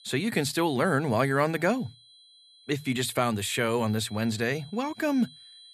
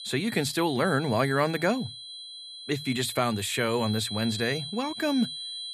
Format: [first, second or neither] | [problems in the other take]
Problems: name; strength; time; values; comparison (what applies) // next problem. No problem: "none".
first | high-pitched whine; loud; throughout; 4 kHz, 9 dB below the speech; faint in the first